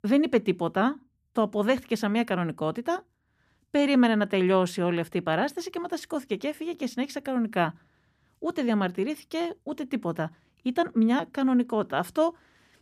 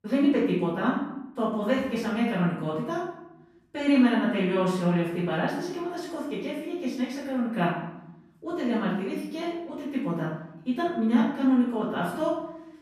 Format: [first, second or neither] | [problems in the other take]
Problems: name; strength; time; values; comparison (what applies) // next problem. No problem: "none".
first | off-mic speech; far // room echo; noticeable; dies away in 0.8 s